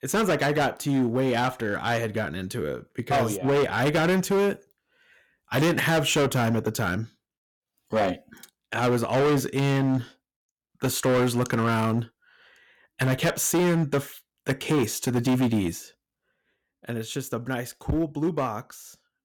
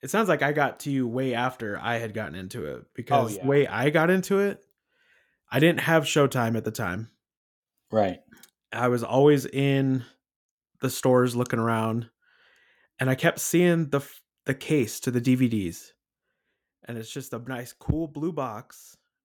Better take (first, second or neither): second